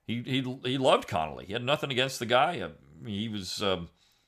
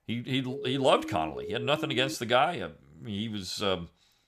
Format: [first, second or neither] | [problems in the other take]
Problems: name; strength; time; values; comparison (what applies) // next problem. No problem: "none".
first | siren; noticeable; until 2 s; peak 9 dB below the speech